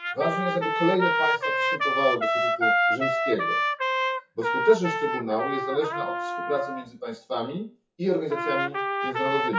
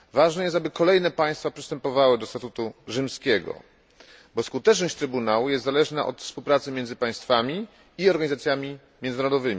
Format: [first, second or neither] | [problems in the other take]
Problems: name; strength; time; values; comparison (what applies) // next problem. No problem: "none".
second | noise reduction (classical method WPE with log-MMSE)